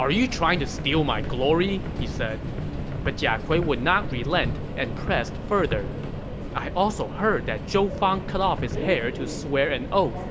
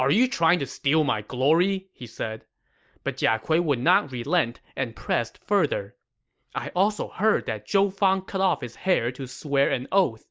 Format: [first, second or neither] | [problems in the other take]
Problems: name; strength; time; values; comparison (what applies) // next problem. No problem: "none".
second | background sound (Subway, metro, underground); 5 dB below the speech